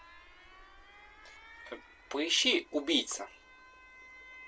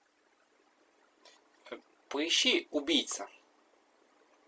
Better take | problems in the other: second | background sound (Alarm); 19 dB below the speech

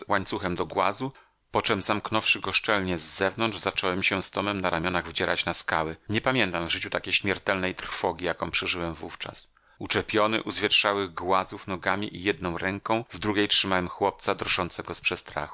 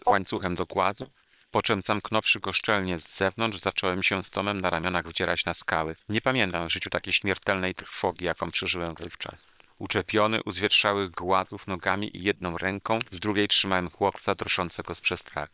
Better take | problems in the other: first | noise reduction (neural separator model SepFormer WHAM!)

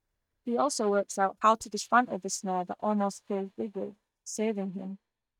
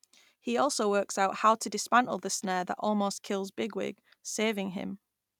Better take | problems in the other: second | noise reduction (neural mask model DeepFilterNet 3)

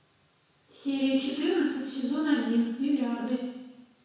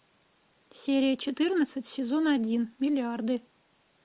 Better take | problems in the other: second | room echo; dies away in 1 s

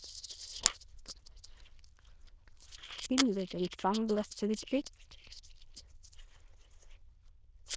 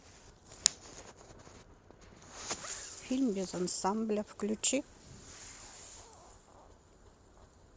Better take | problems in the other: second | noise reduction (neural diffusion model UNIVERSE++)

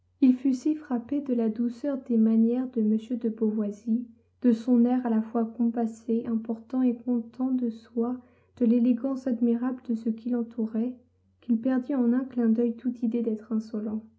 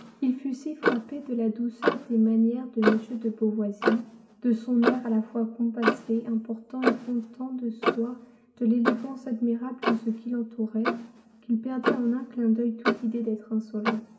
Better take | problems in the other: first | background sound (Clock); 4 dB below the speech // room echo; dies away in 2 s

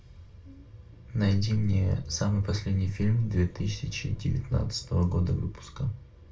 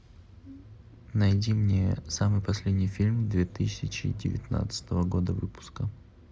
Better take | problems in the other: second | room echo; dies away in 0.2 s

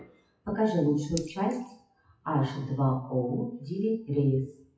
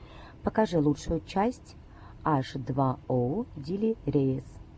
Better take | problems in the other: second | noise reduction (classical method WPE with log-MMSE)

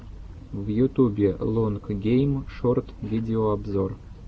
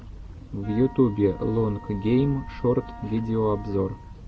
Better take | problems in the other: first | background sound (Wind instrument, woodwind instrument + Wind instrument, woodwind instrument); 20 dB below the speech

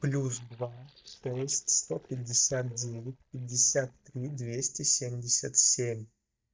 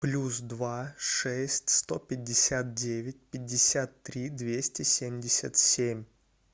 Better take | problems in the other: second | noise reduction (neural mask model DeepFilterNet 3)

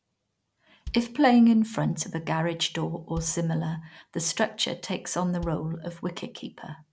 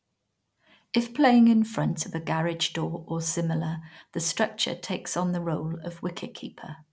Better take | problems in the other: second | background sound (Bass drum); 19 dB below the speech

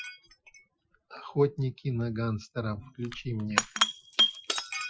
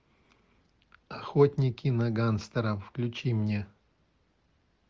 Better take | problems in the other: second | noise reduction (classical method Wiener filter)

